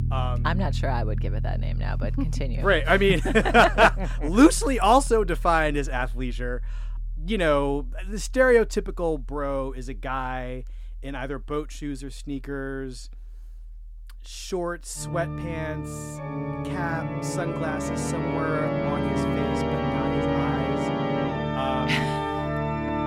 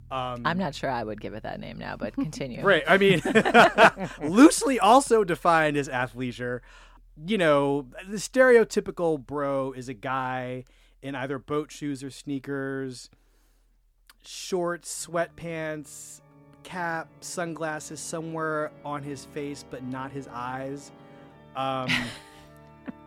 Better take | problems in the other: second | background music; loud; throughout; 4 dB below the speech; faint in the second

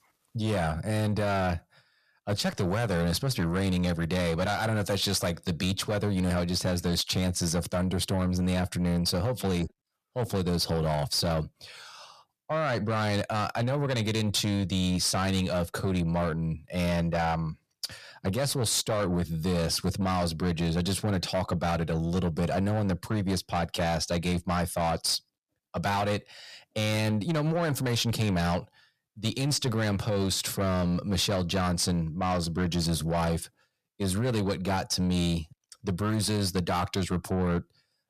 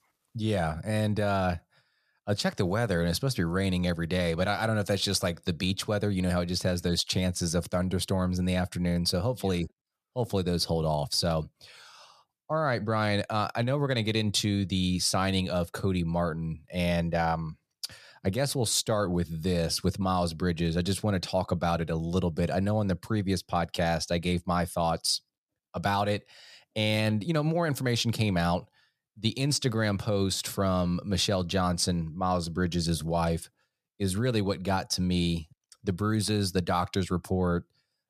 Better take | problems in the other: second | distortion; slight; 10 dB below the speech

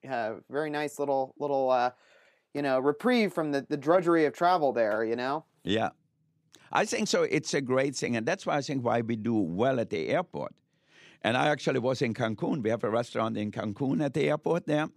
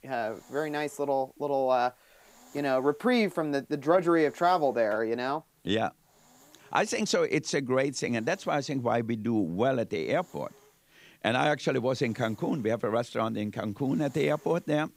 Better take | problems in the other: first | hiss; faint; throughout; 30 dB below the speech

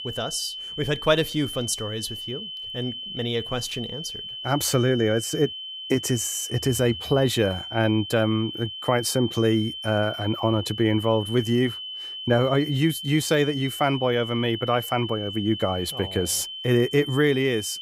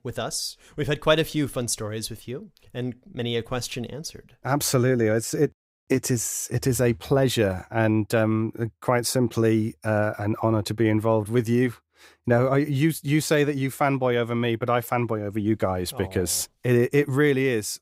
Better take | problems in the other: second | high-pitched whine; loud; throughout; 3 kHz, 8 dB below the speech

